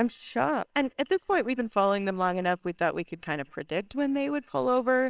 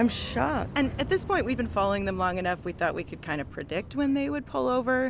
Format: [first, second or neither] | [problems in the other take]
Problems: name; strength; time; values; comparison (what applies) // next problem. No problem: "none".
second | noise reduction (neural separator model SepFormer WHAMR!)